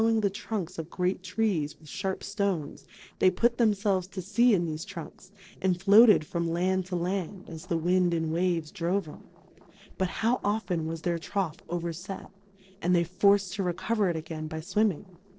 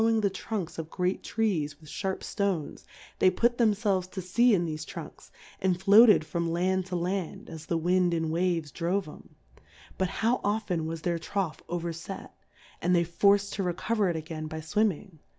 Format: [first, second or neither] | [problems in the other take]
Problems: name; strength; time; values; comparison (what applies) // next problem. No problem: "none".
second | noise reduction (neural separator model SepFormer DNS4)